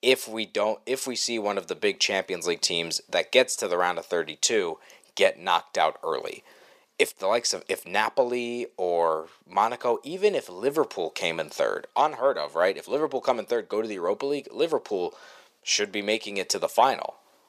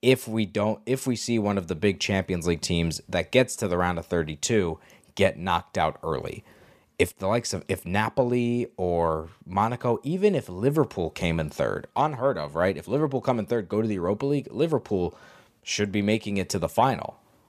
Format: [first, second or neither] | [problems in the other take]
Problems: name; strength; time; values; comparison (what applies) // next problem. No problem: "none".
second | thin; somewhat; fading below 500 Hz